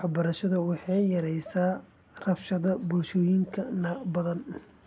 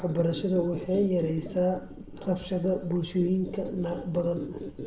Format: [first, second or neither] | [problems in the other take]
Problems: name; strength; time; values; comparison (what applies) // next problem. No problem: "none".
first | background sound (Squeak); 12 dB below the speech // room echo; dies away in 0.6 s